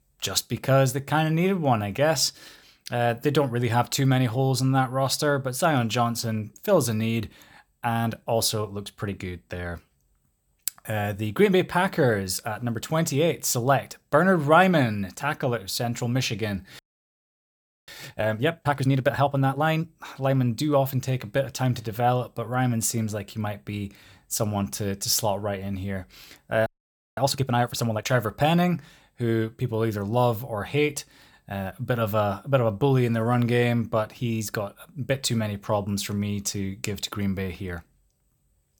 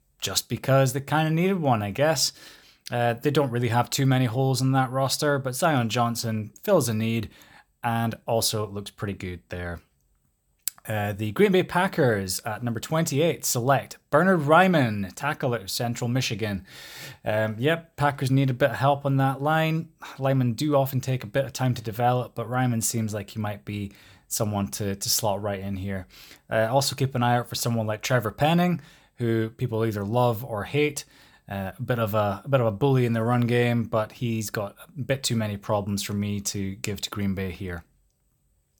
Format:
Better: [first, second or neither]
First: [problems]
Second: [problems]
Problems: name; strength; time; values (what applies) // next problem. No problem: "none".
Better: second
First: audio freezing; at 17 s for 1 s and at 27 s for 0.5 s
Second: none